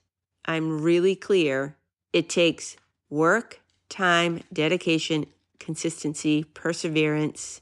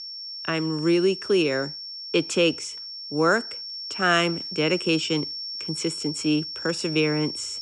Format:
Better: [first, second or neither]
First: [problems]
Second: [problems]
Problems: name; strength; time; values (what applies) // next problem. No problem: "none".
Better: first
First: none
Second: high-pitched whine; loud; throughout; 5.5 kHz, 8 dB below the speech